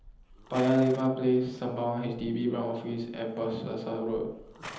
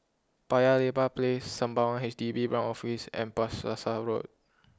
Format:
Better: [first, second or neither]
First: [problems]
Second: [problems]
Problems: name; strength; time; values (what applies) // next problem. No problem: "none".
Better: second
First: background sound (Livestock, farm animals, working animals); 20 dB below the speech // room echo; dies away in 0.9 s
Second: none